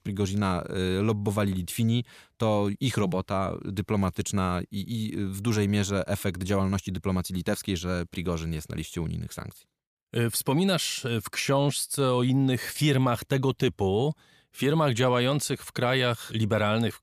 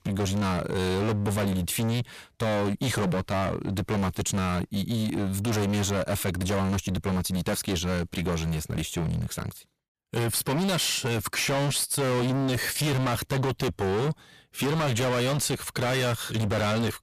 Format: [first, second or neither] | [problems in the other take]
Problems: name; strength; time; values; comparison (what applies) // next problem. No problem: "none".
first | distortion; heavy; 33% of the sound clipped